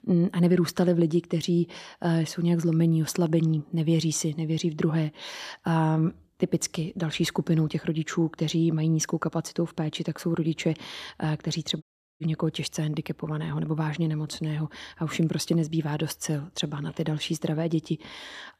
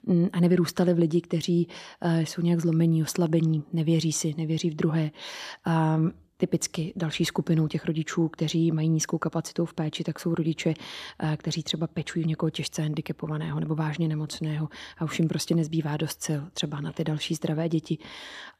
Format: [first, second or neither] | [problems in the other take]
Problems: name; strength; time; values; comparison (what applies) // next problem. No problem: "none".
second | audio cutting out; at 12 s